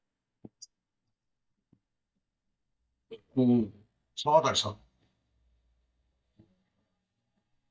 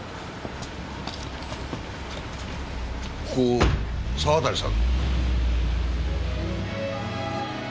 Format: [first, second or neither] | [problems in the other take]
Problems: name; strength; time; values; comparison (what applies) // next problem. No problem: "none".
second | noise reduction (neural mask model DeepFilterNet 3)